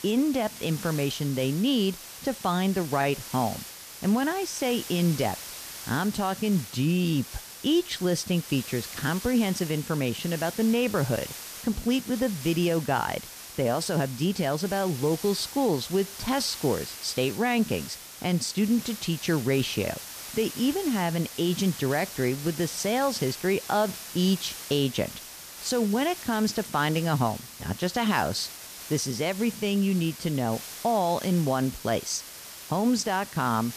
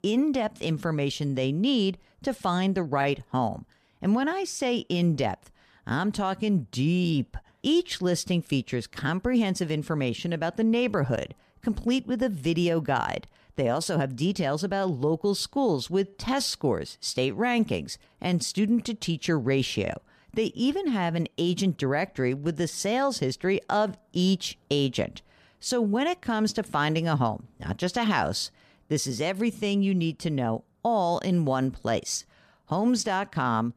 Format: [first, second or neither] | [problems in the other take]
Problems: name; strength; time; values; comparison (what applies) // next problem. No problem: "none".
second | hiss; noticeable; throughout; 10 dB below the speech